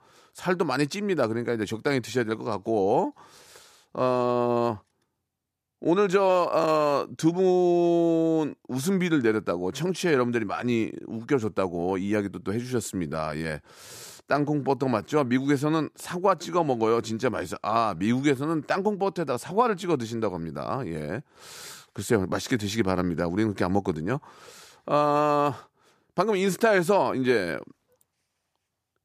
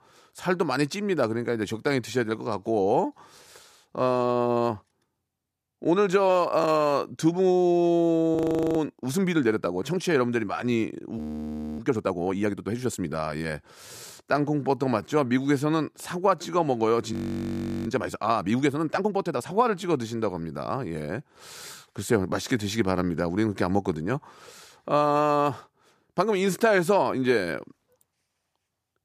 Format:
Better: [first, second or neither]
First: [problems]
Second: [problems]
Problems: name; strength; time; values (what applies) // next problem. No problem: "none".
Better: first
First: none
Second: audio freezing; at 8.5 s, at 11 s for 0.5 s and at 17 s for 0.5 s